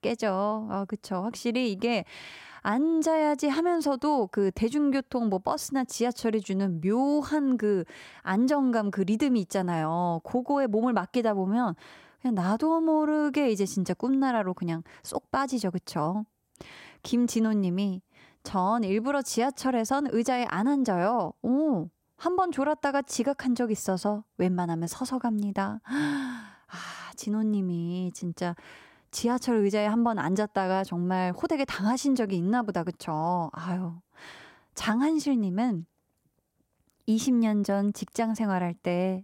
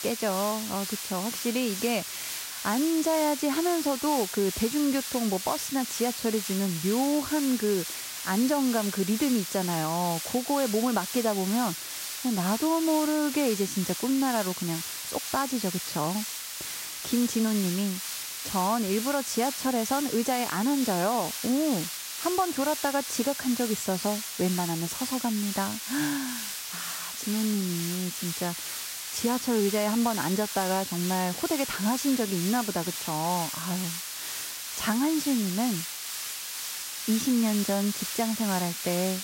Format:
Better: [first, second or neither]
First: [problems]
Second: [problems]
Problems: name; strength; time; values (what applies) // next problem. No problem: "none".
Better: first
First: none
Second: hiss; loud; throughout; 4 dB below the speech